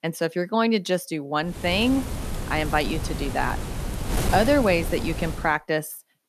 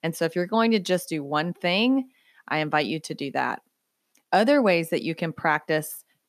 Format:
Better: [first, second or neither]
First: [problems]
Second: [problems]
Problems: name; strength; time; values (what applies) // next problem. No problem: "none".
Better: second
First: wind noise on the microphone; occasional gusts; from 1.5 to 5.5 s; 10 dB below the speech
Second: none